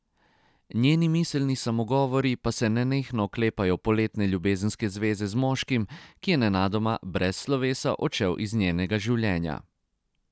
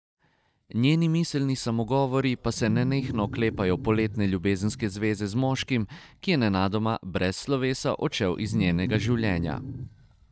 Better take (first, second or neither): first